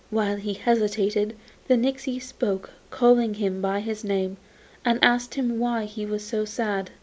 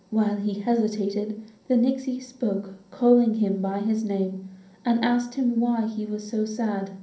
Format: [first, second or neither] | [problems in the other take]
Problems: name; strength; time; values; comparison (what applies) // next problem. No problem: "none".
first | room echo; dies away in 0.6 s